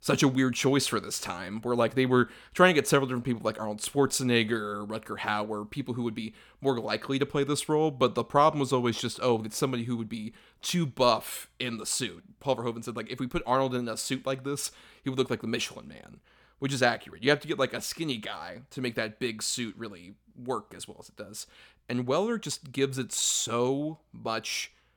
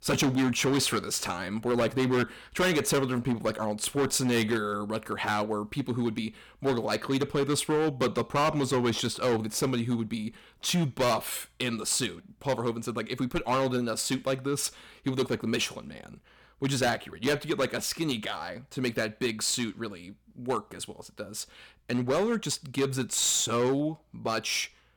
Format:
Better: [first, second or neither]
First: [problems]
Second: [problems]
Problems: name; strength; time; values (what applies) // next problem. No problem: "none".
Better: first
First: none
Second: distortion; heavy; 8% of the sound clipped